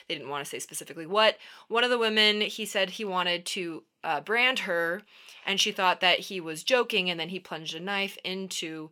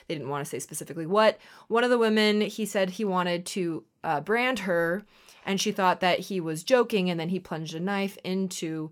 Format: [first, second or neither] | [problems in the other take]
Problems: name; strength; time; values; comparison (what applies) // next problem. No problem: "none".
second | thin; very slightly; fading below 850 Hz